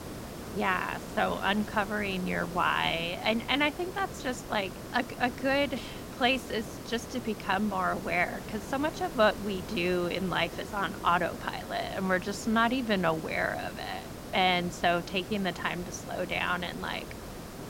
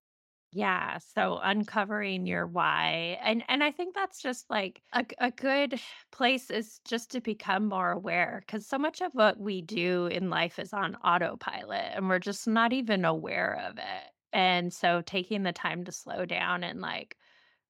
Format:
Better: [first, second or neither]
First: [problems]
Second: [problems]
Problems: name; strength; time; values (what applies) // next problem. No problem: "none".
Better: second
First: hiss; noticeable; throughout; 10 dB below the speech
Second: none